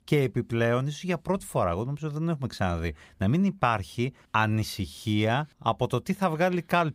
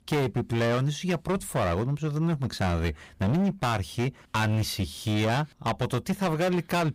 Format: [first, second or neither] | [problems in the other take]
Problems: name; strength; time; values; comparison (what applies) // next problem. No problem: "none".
first | distortion; heavy; 19% of the sound clipped